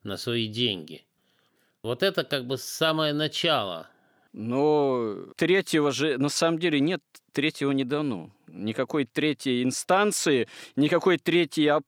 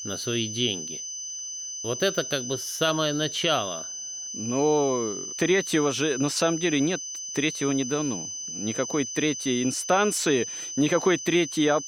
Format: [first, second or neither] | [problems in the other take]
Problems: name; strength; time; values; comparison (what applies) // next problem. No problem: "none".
first | high-pitched whine; loud; throughout; 6 kHz, 7 dB below the speech